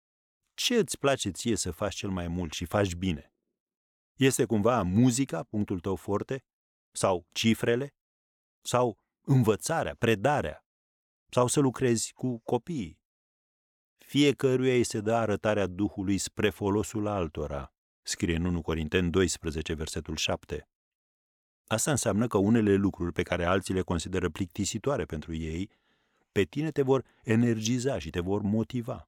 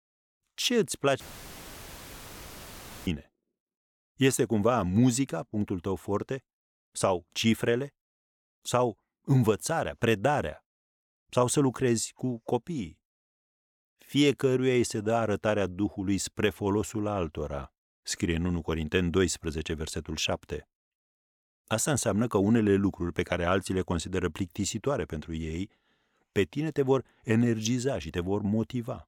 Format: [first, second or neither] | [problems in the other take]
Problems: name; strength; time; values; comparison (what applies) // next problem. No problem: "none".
first | audio cutting out; filled with static; at 1 s for 2 s